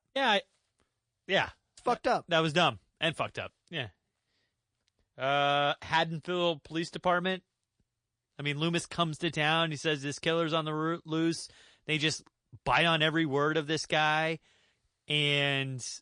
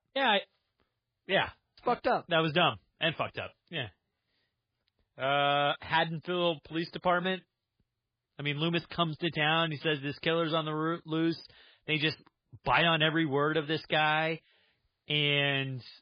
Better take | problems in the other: first | garbled, watery; badly; nothing above 5 kHz; slightly in the first

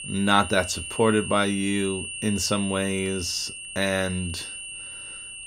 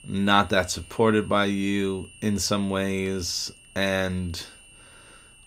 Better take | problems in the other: second | high-pitched whine; loud; throughout; 2.5 kHz, 8 dB below the speech; faint in the second

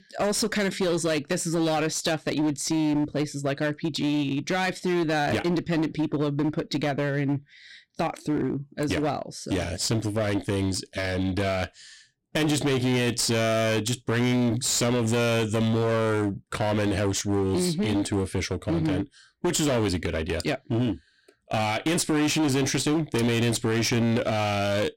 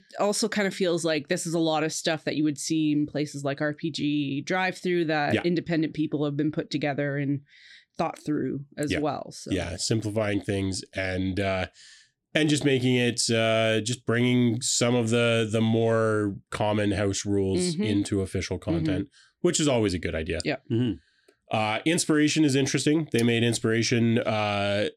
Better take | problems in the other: second | distortion; slight; 20% of the sound clipped

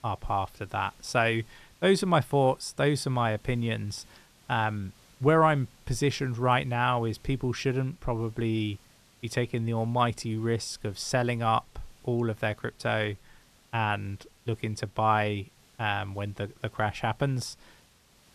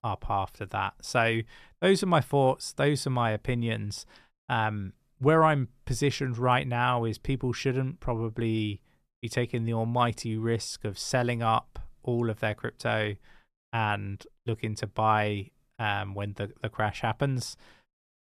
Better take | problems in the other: second | hiss; faint; throughout; 30 dB below the speech

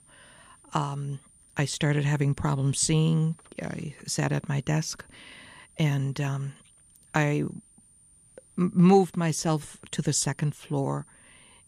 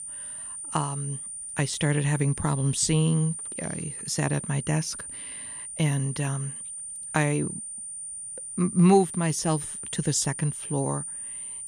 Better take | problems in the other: first | high-pitched whine; loud; throughout; 9 kHz, 8 dB below the speech; faint in the first

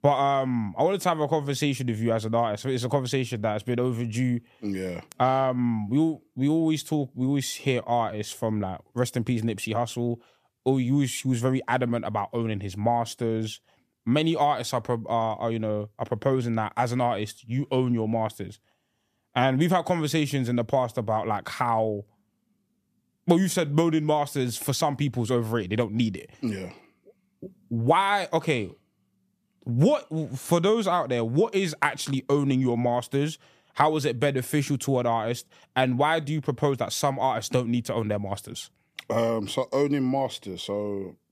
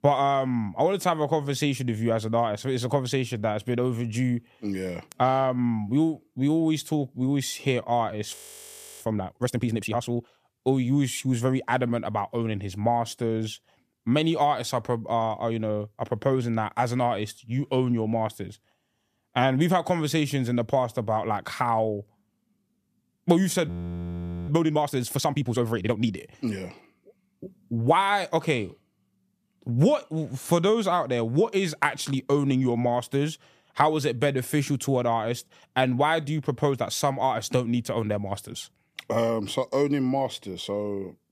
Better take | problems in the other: first | audio freezing; at 8.5 s for 0.5 s and at 24 s for 1 s

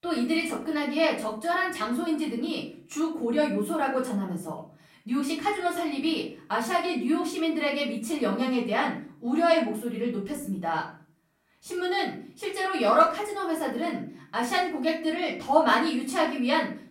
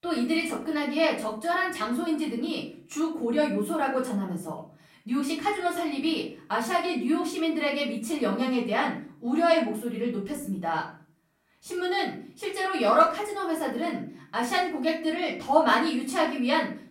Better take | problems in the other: neither | off-mic speech; far; the same in both // room echo; slight; dies away in 0.4 s; the same in both

